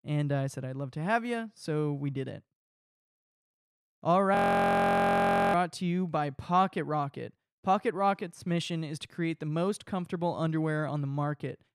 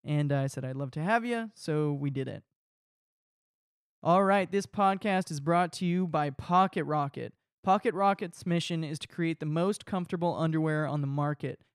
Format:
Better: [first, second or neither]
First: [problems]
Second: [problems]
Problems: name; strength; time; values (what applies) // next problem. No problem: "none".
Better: second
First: audio freezing; at 4.5 s for 1 s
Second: none